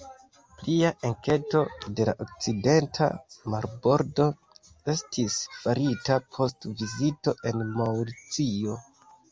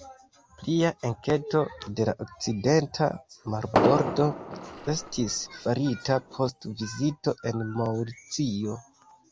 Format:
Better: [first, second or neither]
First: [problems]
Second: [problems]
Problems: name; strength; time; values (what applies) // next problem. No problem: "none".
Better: first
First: none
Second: background sound (Fireworks); 2 dB below the speech